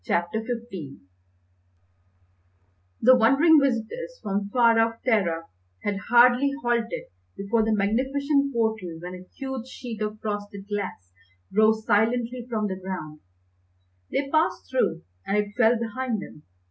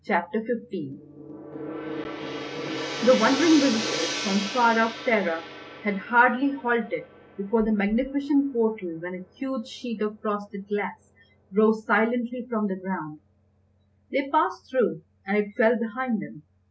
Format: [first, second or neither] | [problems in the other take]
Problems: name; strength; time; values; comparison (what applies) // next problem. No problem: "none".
first | background sound (Gong); 11 dB below the speech